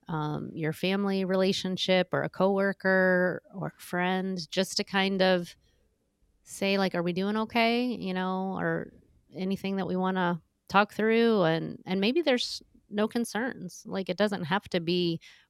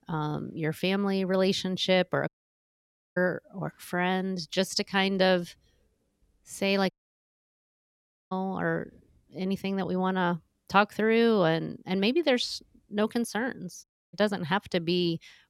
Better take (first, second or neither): first